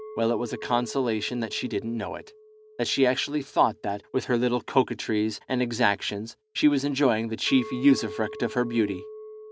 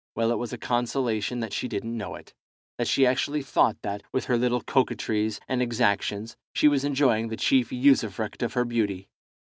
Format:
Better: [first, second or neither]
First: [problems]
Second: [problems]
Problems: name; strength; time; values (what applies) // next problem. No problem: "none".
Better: second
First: background sound (Chink, clink); 17 dB below the speech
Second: none